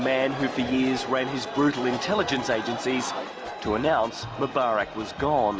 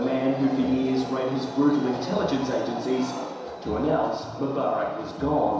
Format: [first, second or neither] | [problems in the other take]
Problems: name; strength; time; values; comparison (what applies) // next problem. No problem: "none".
first | room echo; dies away in 1 s